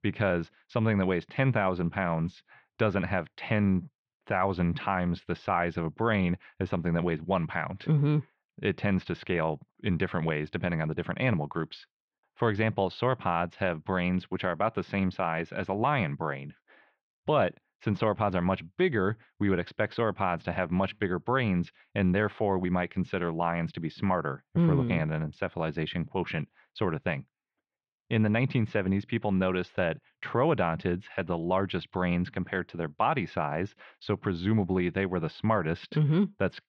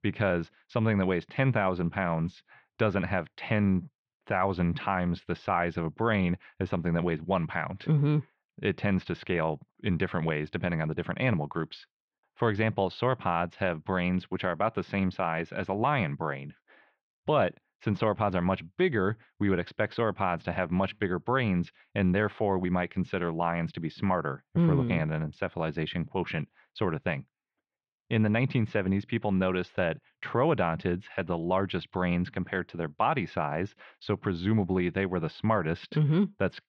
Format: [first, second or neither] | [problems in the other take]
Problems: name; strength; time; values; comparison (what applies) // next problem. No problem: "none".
neither | muffled; slightly; fading above 3 kHz; the same in both